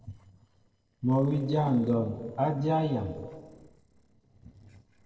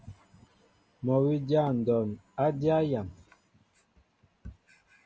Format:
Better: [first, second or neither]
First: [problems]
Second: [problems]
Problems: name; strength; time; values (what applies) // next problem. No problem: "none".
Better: second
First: noise reduction (neural separator model SepFormer DNS4)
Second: none